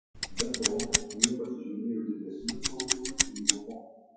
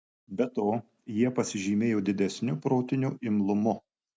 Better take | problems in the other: second | noise reduction (classical method WPE with log-MMSE)

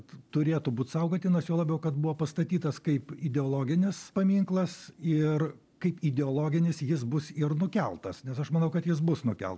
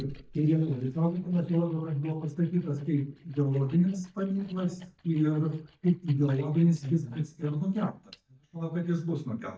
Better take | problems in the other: first | noise reduction (neural mask model DeepFilterNet 3)

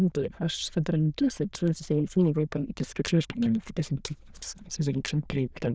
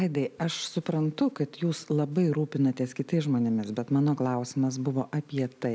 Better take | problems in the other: second | noise reduction (neural diffusion model UNIVERSE++)

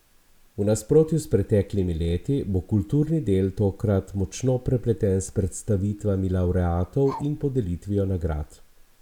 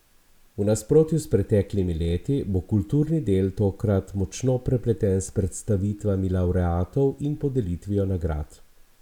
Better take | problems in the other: second | background sound (Bark); 20 dB below the speech

